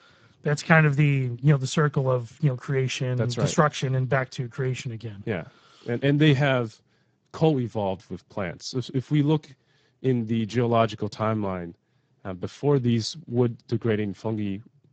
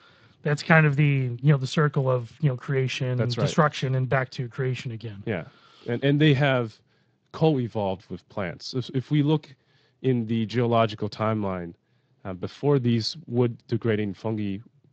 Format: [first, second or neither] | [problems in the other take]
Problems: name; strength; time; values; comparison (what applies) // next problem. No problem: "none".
second | garbled, watery; badly; nothing above 8 kHz; slightly in the second